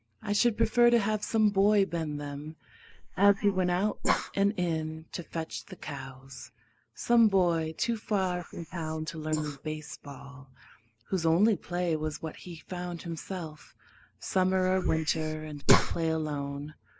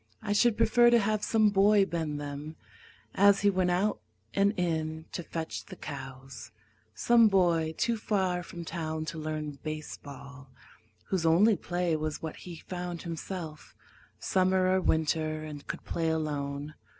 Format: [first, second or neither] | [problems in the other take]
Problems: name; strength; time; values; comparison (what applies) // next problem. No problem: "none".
second | noise reduction (neural mask model Resemble Enhance denoiser)